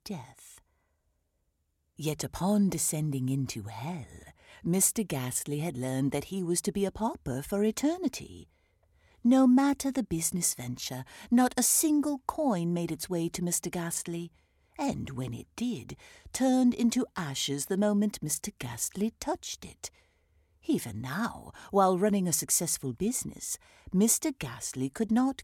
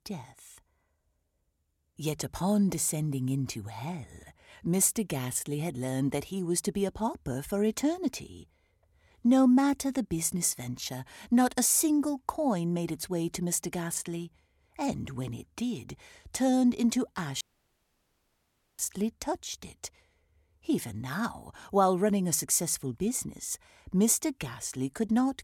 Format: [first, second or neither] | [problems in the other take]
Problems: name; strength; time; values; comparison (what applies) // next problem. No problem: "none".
first | audio cutting out; at 17 s for 1.5 s